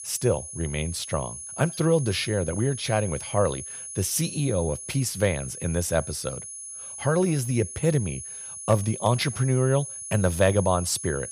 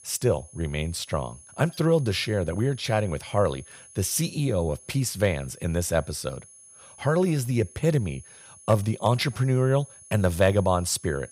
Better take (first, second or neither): second